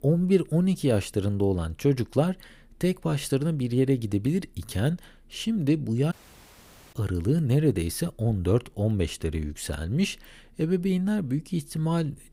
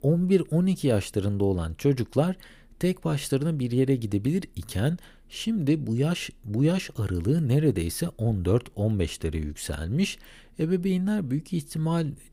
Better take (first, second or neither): second